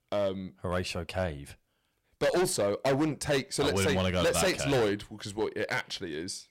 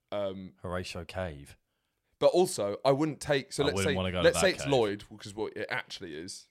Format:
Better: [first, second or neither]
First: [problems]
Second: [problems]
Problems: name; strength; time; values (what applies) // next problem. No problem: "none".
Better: second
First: distortion; heavy; 11% of the sound clipped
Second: none